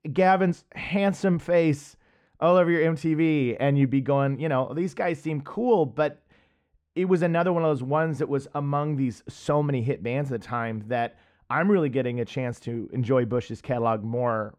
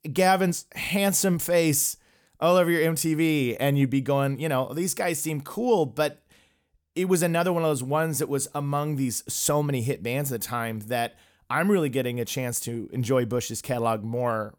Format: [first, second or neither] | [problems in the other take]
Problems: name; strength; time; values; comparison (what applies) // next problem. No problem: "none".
second | muffled; very; fading above 2 kHz